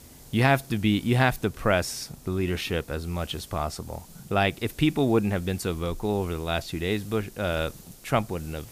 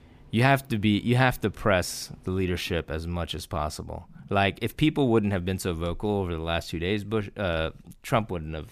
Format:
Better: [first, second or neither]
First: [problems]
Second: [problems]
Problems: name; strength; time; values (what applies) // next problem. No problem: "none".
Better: second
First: hiss; faint; throughout; 20 dB below the speech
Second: none